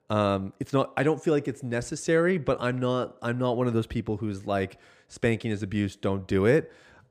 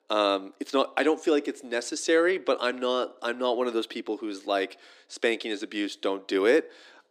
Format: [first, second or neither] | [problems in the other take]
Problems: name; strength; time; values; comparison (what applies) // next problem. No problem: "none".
first | thin; somewhat; fading below 300 Hz